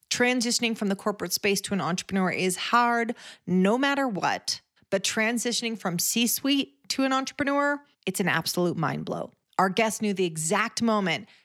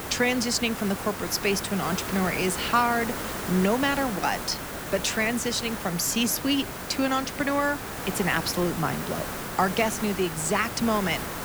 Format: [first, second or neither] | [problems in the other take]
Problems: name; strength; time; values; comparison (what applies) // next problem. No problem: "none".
first | hiss; loud; throughout; 7 dB below the speech